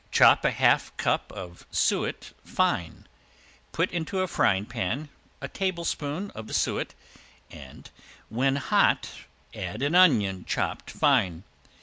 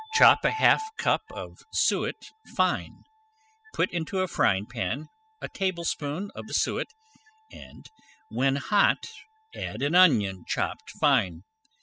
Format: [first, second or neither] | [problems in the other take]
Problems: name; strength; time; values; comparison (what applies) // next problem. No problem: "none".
first | noise reduction (classical method spectral subtraction)